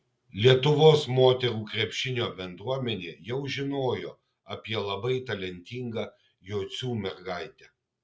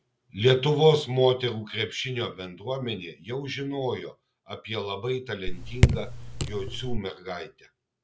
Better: first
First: none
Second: background sound (Raindrop / Drip); 3 dB above the speech

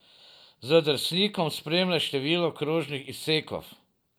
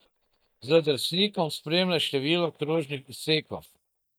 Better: first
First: none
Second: noise reduction (neural mask model DeepFilterNet 3)

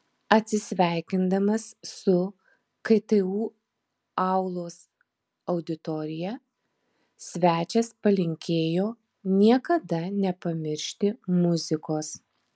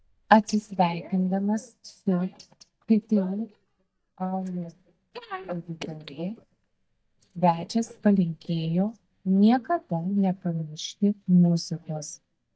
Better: first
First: none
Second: noise reduction (neural mask model DeepFilterNet 3)

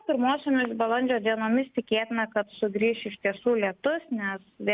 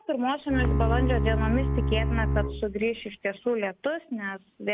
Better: first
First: none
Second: background sound (Bowed string instrument); 3 dB above the speech

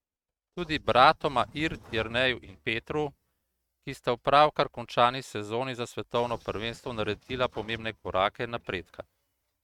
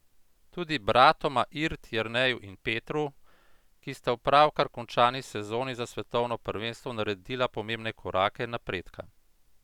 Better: second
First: noise reduction (neural mask model RNNoise)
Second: none

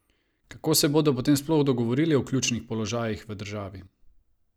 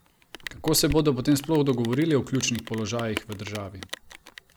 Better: first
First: none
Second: background sound (Rain); 14 dB below the speech

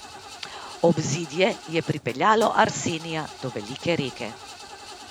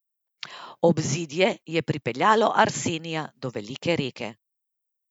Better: second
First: background sound (Engine starting / Car); 15 dB below the speech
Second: none

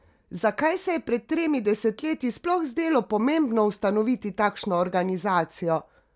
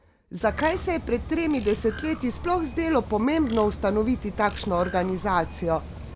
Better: first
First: none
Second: background sound (Bird); 11 dB below the speech

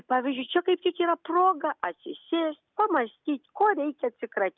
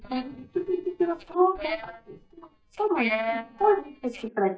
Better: first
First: none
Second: noise reduction (neural mask model DeepFilterNet 3)

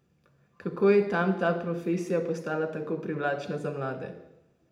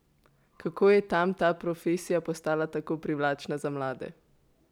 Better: second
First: room echo; dies away in 0.8 s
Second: none

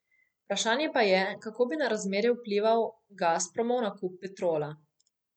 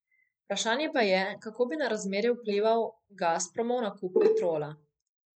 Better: first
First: none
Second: noise reduction (neural mask model Resemble Enhance denoiser)

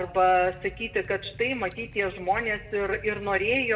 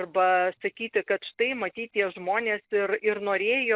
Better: second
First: background sound (Liquid); 18 dB below the speech // room echo; dies away in 0.8 s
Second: none

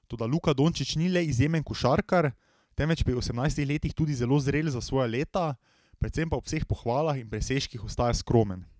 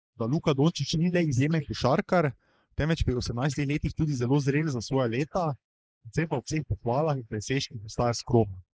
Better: first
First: none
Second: noise reduction (neural mask model Resemble Enhance denoiser)

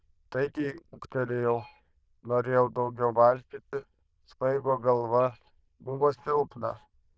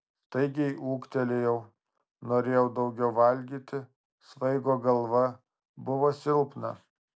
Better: second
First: noise reduction (neural diffusion model UNIVERSE++)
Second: none

